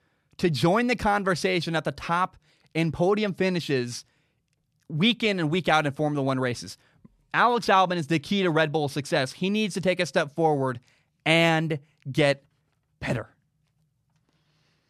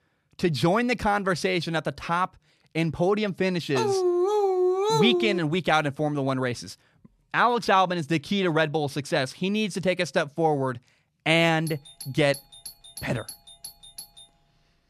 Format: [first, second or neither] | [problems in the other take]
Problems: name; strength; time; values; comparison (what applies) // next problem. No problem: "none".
first | dog barking; loud; from 4 to 5.5 s; peak 2 dB above the speech // doorbell; faint; from 12 to 14 s; peak 15 dB below the speech